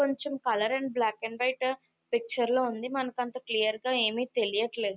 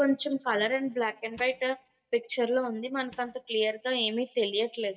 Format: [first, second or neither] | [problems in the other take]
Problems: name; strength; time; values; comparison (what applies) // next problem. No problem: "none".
first | noise reduction (neural mask model DeepFilterNet 3)